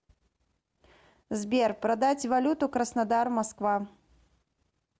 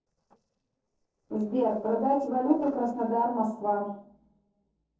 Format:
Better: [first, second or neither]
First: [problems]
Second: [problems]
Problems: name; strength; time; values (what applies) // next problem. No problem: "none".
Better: first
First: none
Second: noise reduction (neural separator model SepFormer DNS4)